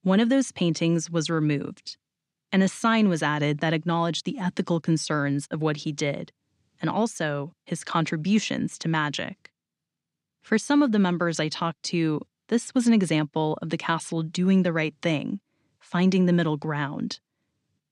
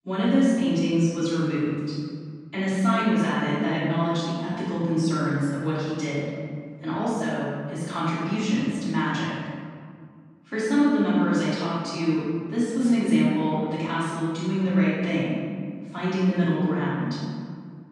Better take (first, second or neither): first